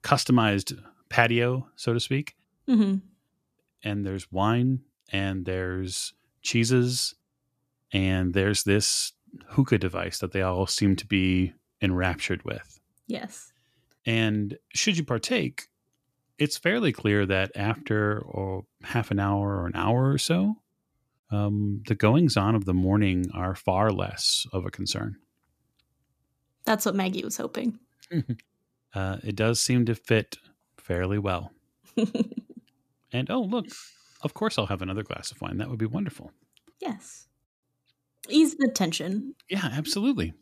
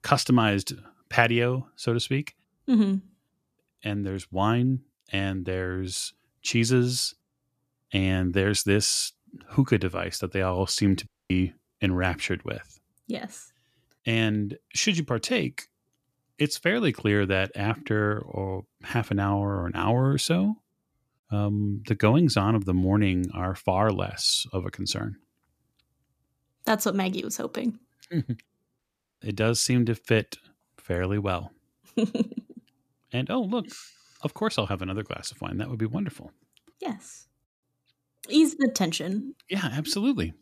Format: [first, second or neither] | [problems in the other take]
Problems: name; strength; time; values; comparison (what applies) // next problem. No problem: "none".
first | audio cutting out; at 11 s and at 29 s